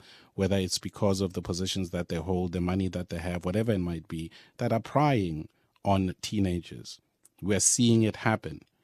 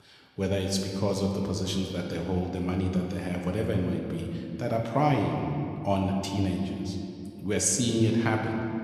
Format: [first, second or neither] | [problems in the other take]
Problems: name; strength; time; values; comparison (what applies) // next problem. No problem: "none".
first | room echo; noticeable; dies away in 2.2 s